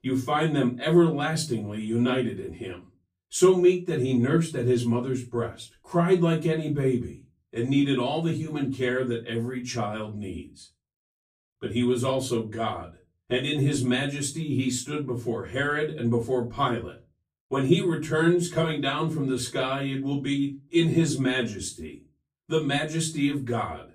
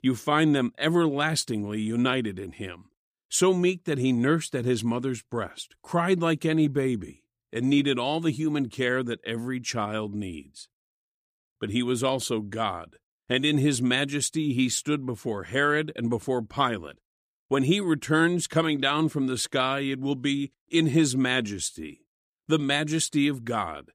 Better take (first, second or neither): second